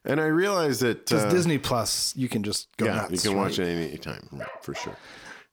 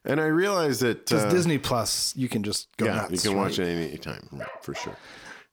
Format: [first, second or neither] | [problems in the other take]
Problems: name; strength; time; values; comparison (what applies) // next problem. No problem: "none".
neither | dog barking; faint; at 4.5 s; peak 15 dB below the speech; the same in both